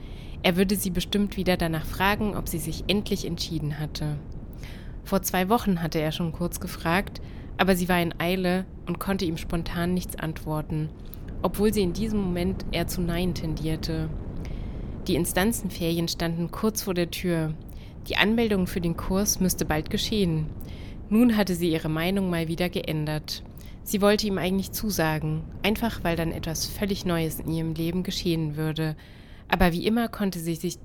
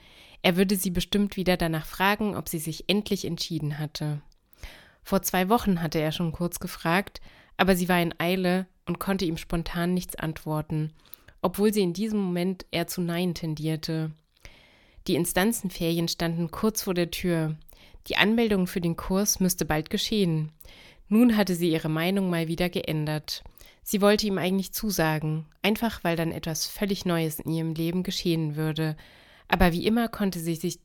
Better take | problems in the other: second | wind noise on the microphone; occasional gusts; 20 dB below the speech

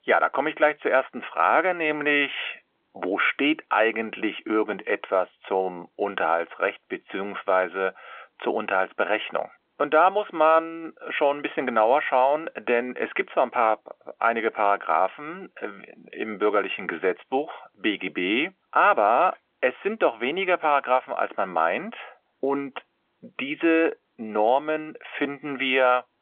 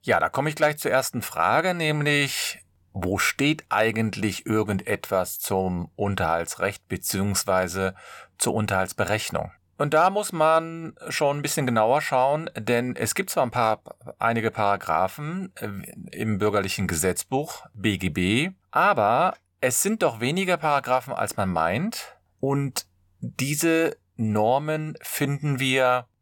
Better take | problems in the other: second | phone-call audio; nothing above 3.5 kHz

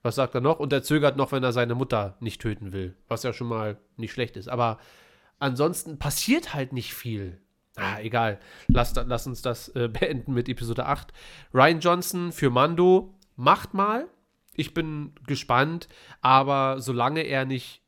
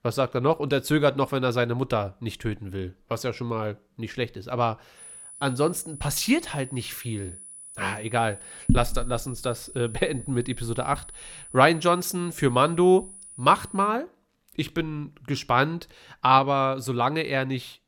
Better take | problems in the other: first | high-pitched whine; noticeable; from 5 to 14 s; 10 kHz, 15 dB below the speech

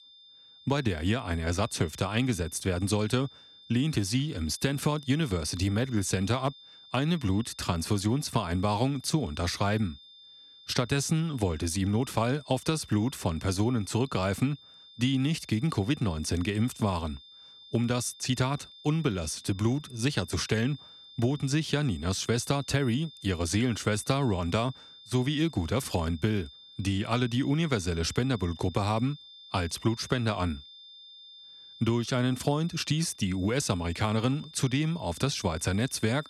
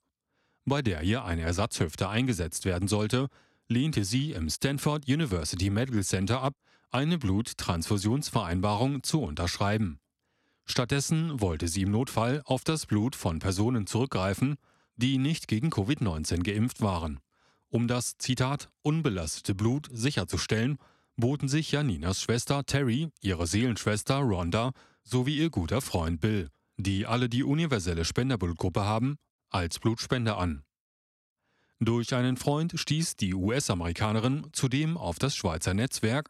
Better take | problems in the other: second | high-pitched whine; noticeable; throughout; 3.5 kHz, 20 dB below the speech

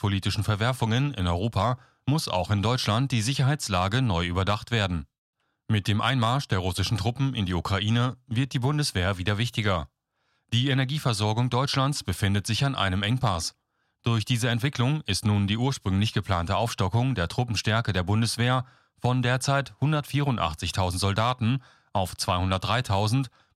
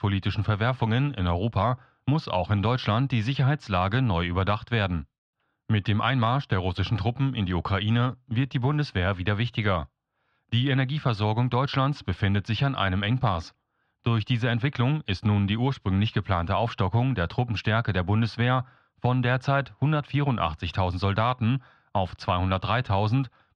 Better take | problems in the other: first | muffled; slightly; fading above 3 kHz

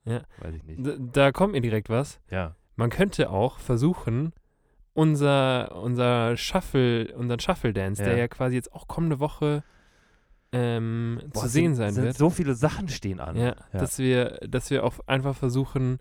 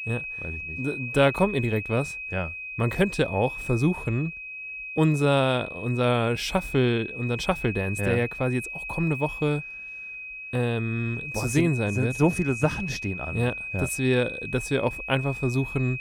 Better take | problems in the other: first | high-pitched whine; loud; throughout; 2.5 kHz, 7 dB below the speech

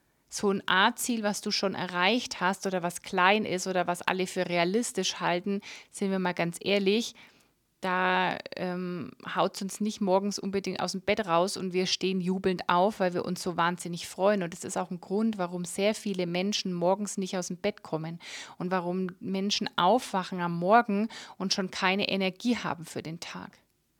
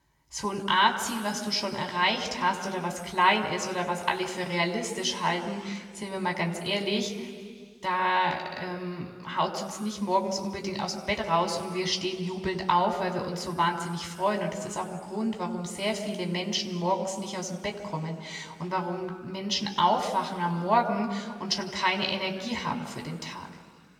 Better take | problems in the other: first | room echo; noticeable; dies away in 1.9 s // off-mic speech; somewhat distant

